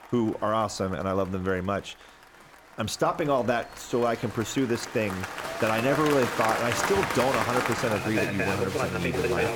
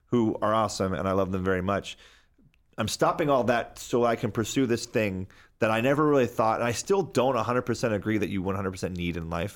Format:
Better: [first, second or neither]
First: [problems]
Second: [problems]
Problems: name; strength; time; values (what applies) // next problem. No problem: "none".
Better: second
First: crowd noise; loud; throughout; 2 dB below the speech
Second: none